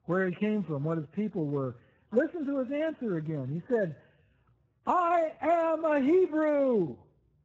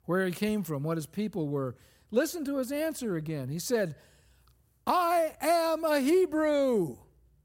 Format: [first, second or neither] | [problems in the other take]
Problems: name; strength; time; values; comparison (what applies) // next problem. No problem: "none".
second | garbled, watery; badly